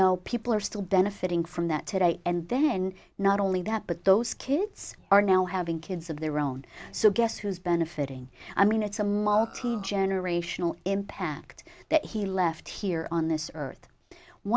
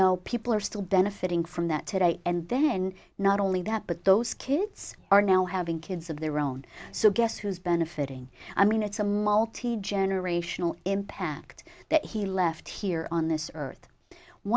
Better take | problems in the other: second | background sound (Burping, eructation); 19 dB below the speech

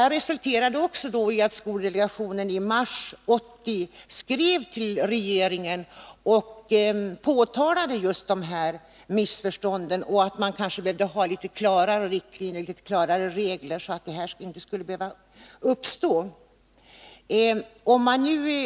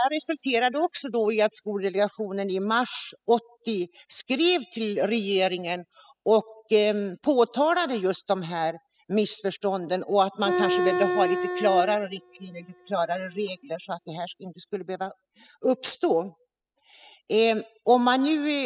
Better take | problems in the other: first | noise reduction (classical method spectral subtraction)

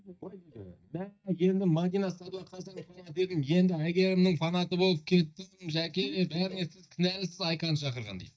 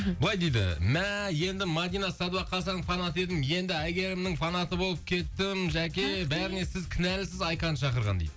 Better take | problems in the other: second | noise reduction (neural mask model DeepFilterNet 3)

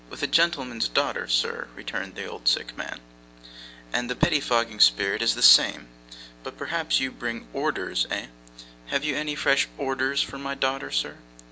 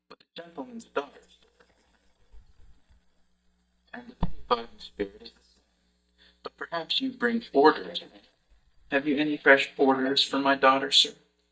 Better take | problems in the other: first | noise reduction (neural mask model DeepFilterNet 3)

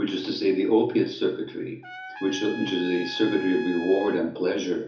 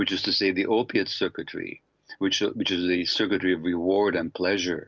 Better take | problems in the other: second | background sound (Trumpet); 14 dB below the speech // room echo; dies away in 0.7 s

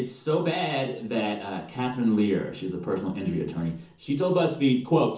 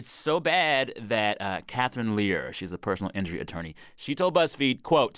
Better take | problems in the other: second | room echo; dies away in 0.6 s

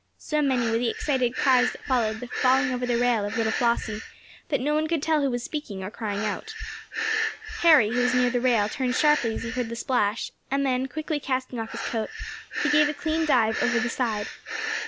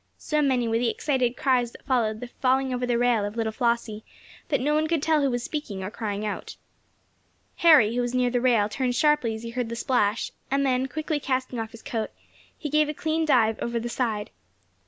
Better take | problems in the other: second | background sound (Breathing); 7 dB below the speech

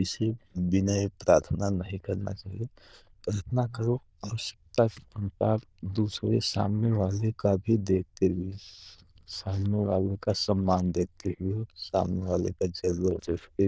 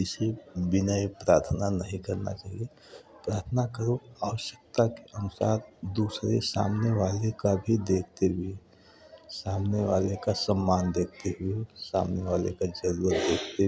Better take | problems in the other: second | noise reduction (neural diffusion model UNIVERSE++)

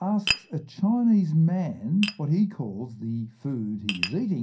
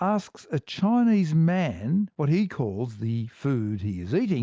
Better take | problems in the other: second | background sound (Tap); 11 dB below the speech // room echo; dies away in 0.3 s

